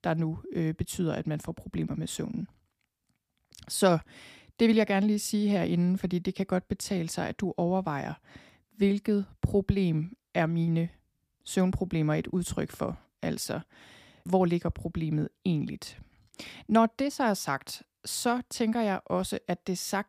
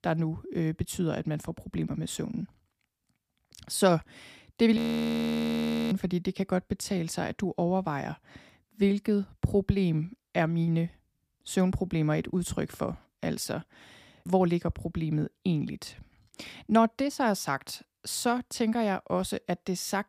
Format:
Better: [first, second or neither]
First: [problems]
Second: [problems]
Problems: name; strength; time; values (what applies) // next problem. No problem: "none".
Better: first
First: none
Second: audio freezing; at 5 s for 1 s